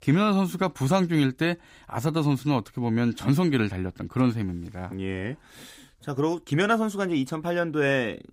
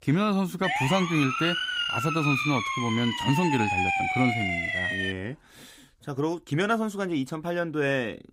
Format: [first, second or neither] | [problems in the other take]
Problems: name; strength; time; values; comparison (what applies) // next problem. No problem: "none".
first | siren; loud; from 0.5 to 5 s; peak 3 dB above the speech